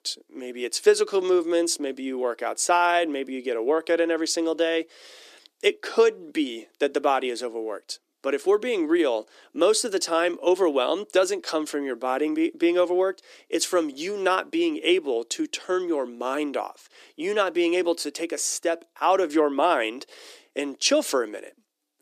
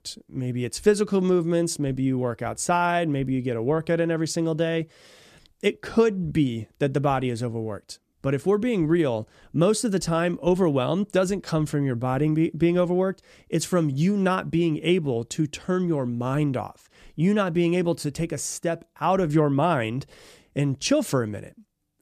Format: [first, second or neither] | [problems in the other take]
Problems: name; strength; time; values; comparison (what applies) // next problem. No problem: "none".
second | thin; somewhat; fading below 300 Hz